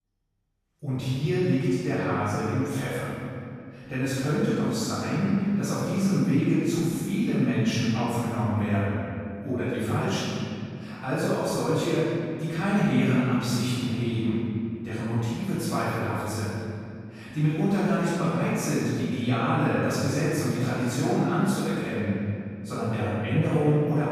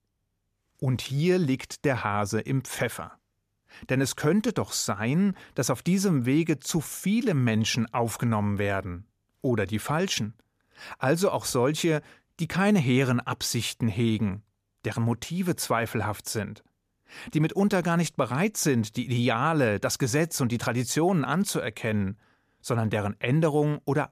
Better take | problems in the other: second | off-mic speech; far // room echo; strong; dies away in 2.5 s

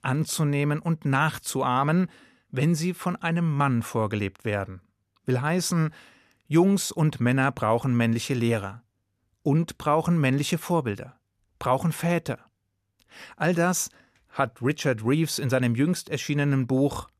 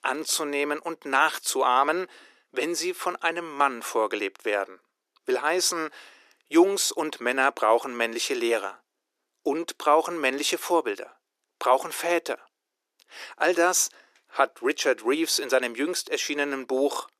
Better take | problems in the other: first | thin; very; fading below 350 Hz

